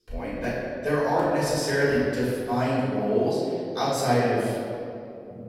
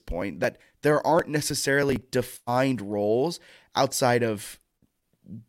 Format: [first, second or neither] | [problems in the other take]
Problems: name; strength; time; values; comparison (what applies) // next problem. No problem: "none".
second | off-mic speech; far // room echo; strong; dies away in 2.3 s